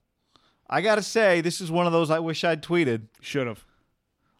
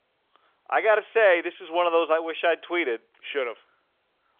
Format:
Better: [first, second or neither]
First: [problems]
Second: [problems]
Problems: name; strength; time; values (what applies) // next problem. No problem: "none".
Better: first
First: none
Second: phone-call audio; nothing above 3.5 kHz